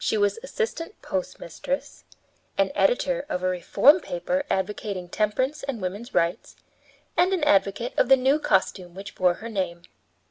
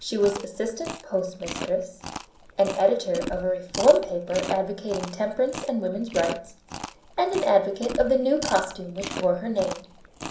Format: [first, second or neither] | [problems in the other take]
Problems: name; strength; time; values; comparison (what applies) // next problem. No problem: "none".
first | background sound (Chewing, mastication); 12 dB below the speech // room echo; dies away in 0.6 s